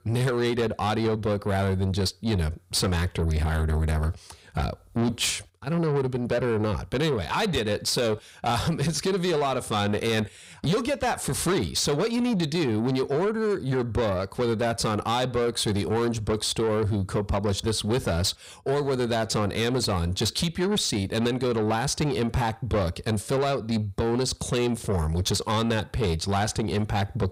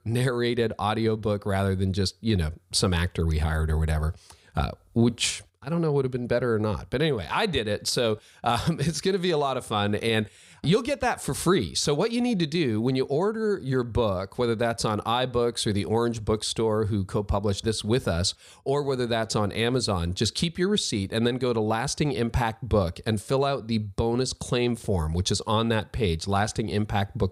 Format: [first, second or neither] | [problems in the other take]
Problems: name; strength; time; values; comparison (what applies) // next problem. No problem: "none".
second | distortion; slight; 10 dB below the speech